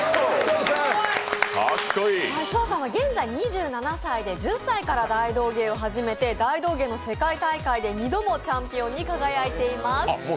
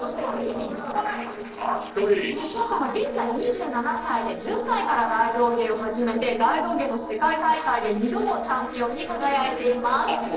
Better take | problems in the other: first | noise reduction (neural separator model SepFormer DNS4)

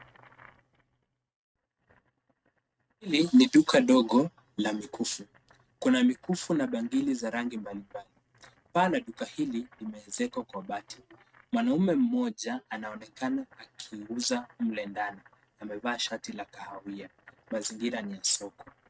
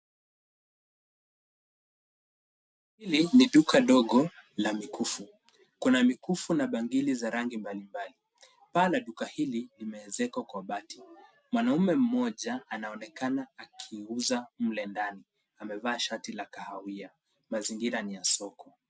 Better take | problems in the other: second | noise reduction (neural mask model RNNoise)

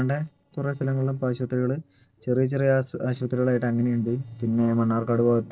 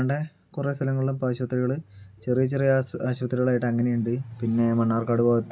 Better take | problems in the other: second | noise reduction (neural separator model SepFormer DNS4)

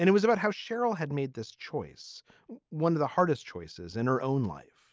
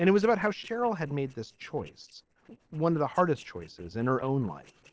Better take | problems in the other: first | noise reduction (neural separator model SepFormer DNS4)

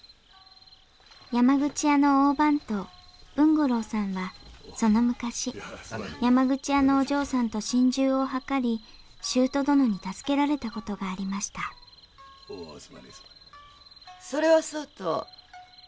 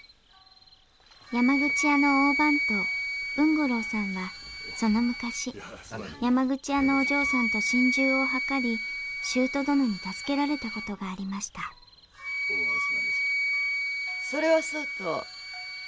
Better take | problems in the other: first | background sound (Wind instrument, woodwind instrument); 3 dB below the speech

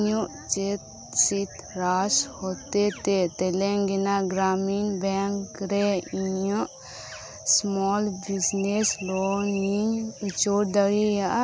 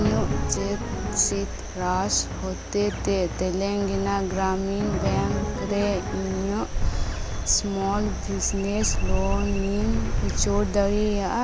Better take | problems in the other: first | background sound (Drum + Stream); 1 dB below the speech

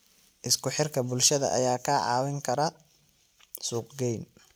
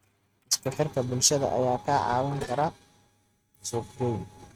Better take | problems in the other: first | noise reduction (neural mask model RNNoise)

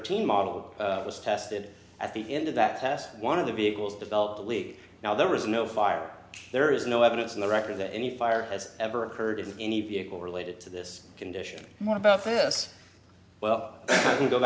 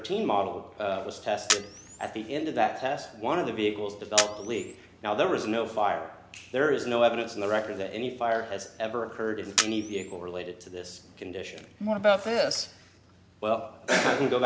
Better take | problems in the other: first | background sound (Camera); 5 dB below the speech

